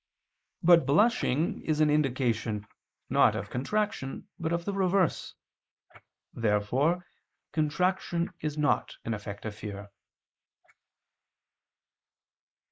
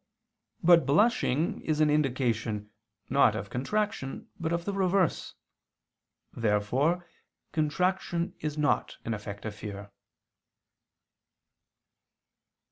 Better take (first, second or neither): second